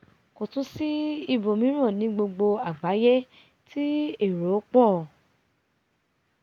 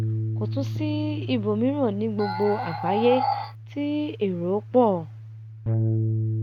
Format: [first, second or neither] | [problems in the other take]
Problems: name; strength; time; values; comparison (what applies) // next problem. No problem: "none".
first | background sound (Animal + Bass guitar); 2 dB below the speech